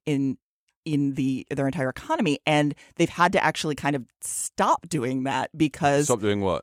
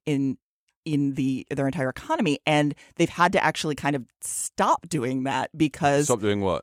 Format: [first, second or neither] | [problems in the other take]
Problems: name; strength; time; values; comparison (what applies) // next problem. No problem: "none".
neither | none